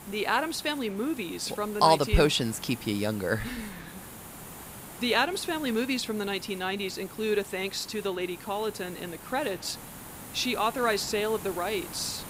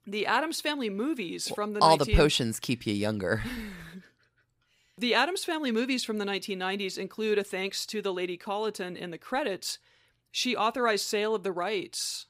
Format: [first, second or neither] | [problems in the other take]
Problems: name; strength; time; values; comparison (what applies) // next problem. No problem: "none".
second | hiss; noticeable; throughout; 15 dB below the speech